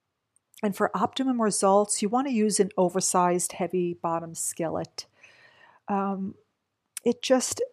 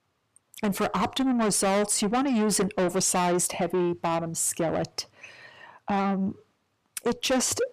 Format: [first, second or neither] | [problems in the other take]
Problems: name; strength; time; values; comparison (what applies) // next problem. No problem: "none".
first | distortion; heavy; 6 dB below the speech